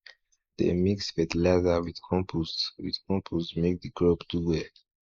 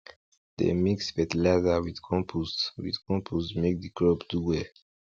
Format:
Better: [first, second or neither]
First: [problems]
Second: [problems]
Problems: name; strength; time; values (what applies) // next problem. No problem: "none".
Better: second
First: noise reduction (neural mask model Resemble Enhance denoiser)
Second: none